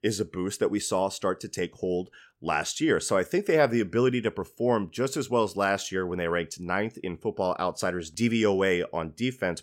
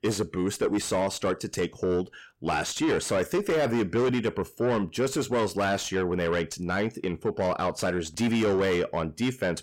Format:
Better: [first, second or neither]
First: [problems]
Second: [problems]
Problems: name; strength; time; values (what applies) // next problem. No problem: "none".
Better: first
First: none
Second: distortion; heavy; 8 dB below the speech